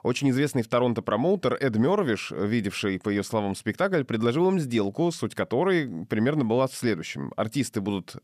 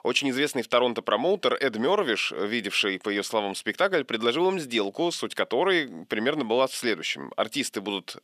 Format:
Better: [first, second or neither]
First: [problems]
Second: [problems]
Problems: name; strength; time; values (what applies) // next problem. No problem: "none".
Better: first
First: none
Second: thin; somewhat; fading below 350 Hz